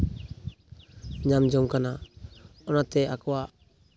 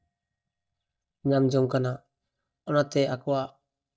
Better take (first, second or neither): first